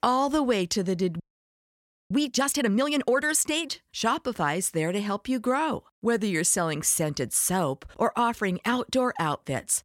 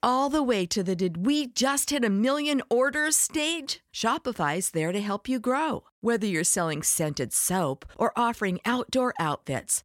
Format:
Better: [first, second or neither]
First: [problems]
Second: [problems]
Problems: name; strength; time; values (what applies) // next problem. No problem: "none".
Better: second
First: audio freezing; at 1 s for 1 s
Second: none